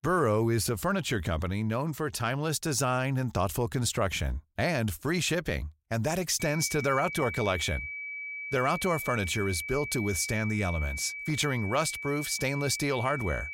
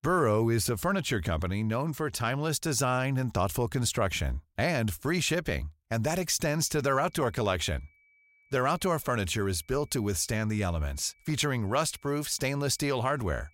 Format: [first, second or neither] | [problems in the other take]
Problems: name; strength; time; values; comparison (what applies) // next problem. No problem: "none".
second | high-pitched whine; loud; from 6.5 s on; 2.5 kHz, 7 dB below the speech; faint in the second